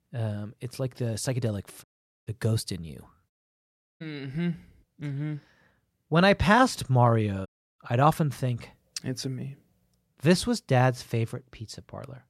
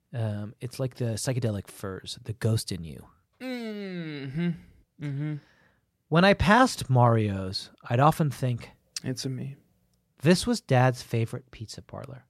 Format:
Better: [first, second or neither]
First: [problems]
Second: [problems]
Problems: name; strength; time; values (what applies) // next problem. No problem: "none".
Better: second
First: audio cutting out; at 2 s, at 3.5 s for 0.5 s and at 7.5 s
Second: none